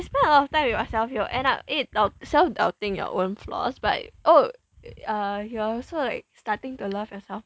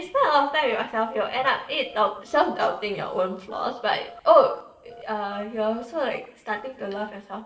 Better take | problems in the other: first | noise reduction (neural separator model SepFormer DNS4)

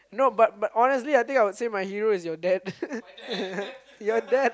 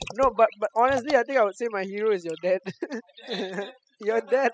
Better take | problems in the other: first | noise reduction (classical method spectral subtraction)

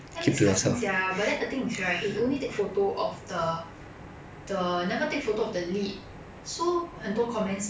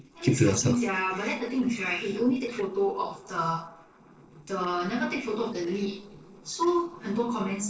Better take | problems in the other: first | noise reduction (neural separator model SepFormer DNS4)

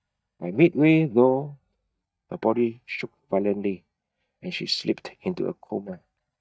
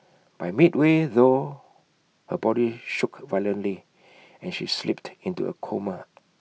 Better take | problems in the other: second | noise reduction (neural mask model DeepFilterNet 3)

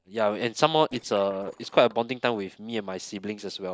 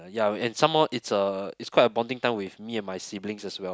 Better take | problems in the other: second | noise reduction (neural separator model SepFormer DNS4)

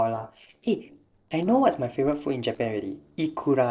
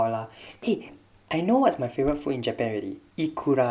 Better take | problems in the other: second | noise reduction (neural separator model SepFormer DNS4)

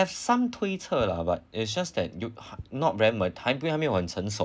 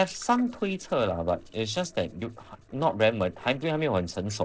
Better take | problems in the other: first | noise reduction (neural separator model SepFormer DNS4)

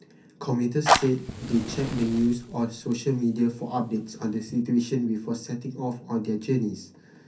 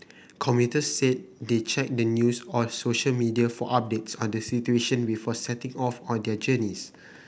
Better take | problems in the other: second | background sound (Fire); 4 dB below the speech // room echo; dies away in 0.3 s

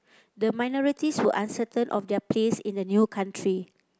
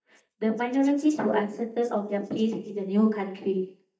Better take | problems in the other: first | noise reduction (neural mask model DeepFilterNet 3)

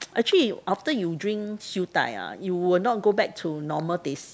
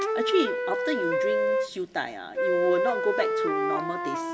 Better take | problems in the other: first | background sound (Wind instrument, woodwind instrument); 3 dB above the speech // room echo; dies away in 0.6 s

